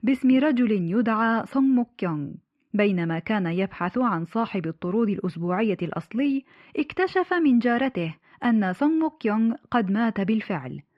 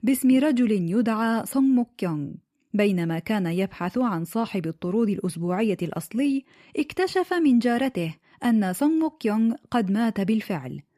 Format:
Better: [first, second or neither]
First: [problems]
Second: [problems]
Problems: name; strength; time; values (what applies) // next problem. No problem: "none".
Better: second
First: muffled; slightly; fading above 2.5 kHz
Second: none